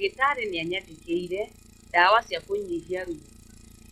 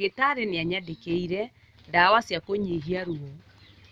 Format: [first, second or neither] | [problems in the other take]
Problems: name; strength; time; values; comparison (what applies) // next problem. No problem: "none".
second | noise reduction (classical method log-MMSE)